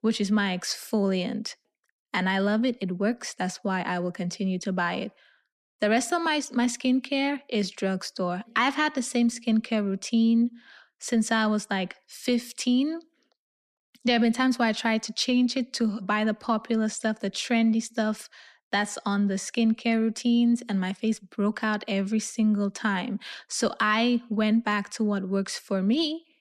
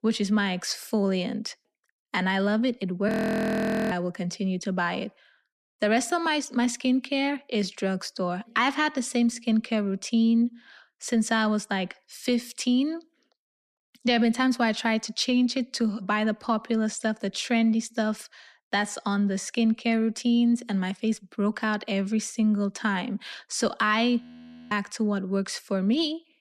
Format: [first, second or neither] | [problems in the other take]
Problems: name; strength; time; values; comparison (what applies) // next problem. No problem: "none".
first | audio freezing; at 3 s for 1 s and at 24 s for 0.5 s